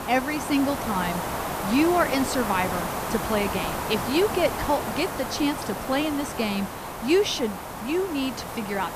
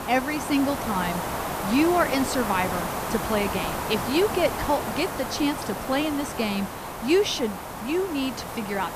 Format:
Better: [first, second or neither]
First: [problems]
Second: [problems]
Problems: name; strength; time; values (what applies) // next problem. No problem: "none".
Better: neither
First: hiss; loud; throughout; 5 dB below the speech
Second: hiss; loud; throughout; 5 dB below the speech